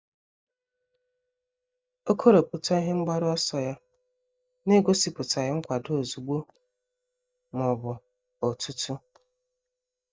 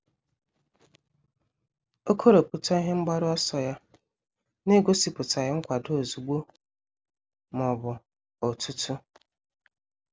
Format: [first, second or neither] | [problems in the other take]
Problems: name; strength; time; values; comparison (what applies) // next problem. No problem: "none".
second | noise reduction (neural mask model DeepFilterNet 3)